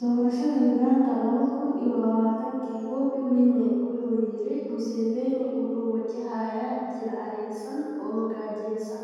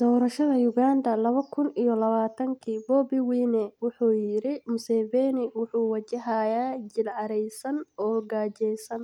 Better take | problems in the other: second | room echo; dies away in 2 s

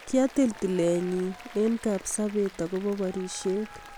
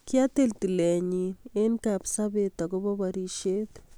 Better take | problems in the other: second | background sound (Applause); 19 dB below the speech

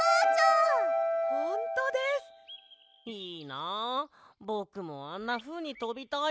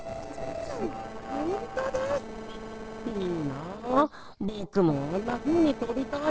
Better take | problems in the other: first | noise reduction (neural separator model SepFormer DNS4)

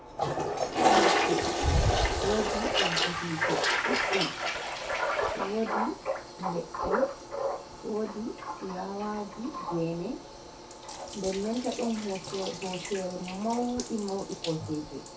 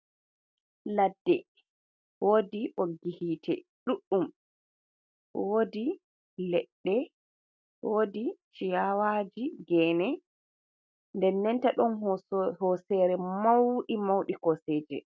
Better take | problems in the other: second | background sound (Toilet flush); 4 dB above the speech // room echo; dies away in 0.3 s

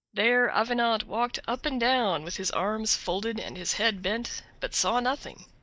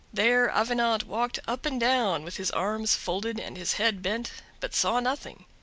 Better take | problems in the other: second | noise reduction (neural mask model DeepFilterNet 3)

